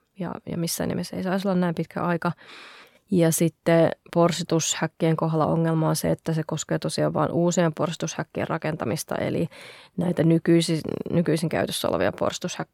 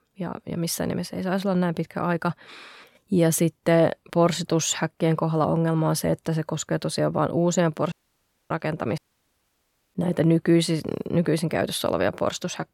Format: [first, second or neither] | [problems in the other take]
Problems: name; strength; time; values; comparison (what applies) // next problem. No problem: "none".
first | audio cutting out; at 8 s for 0.5 s and at 9 s for 1 s